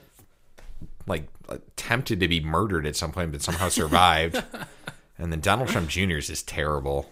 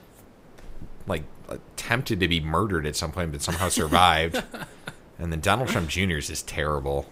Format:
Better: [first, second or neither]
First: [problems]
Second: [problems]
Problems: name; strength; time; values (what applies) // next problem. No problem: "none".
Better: first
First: none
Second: hiss; faint; throughout; 30 dB below the speech